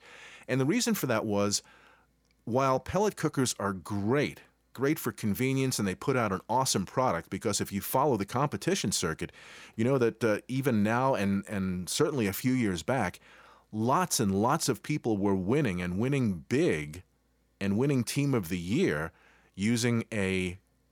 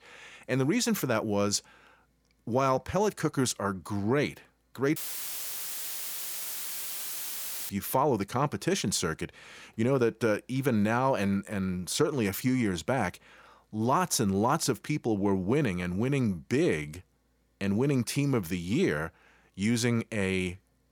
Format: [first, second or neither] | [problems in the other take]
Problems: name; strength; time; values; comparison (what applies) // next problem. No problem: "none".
first | audio cutting out; filled with static; at 5 s for 2.5 s